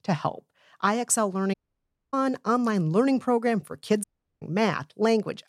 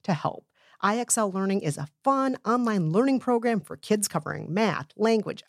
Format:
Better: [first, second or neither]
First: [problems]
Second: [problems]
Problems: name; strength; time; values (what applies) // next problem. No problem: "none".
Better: second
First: audio cutting out; at 1.5 s for 0.5 s and at 4 s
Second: none